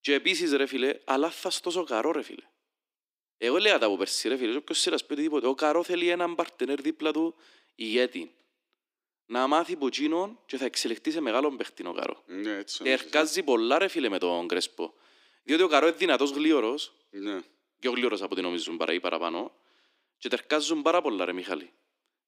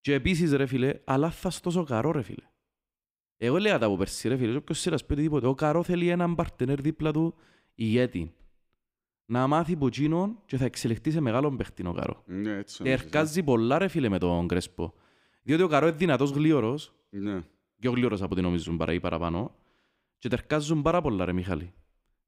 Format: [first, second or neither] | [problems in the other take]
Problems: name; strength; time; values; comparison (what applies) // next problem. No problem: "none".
second | thin; somewhat; fading below 300 Hz